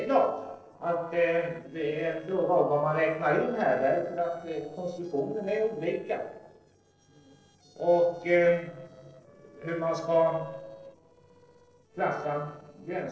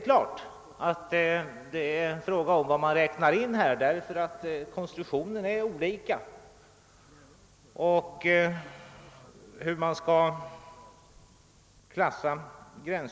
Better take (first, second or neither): second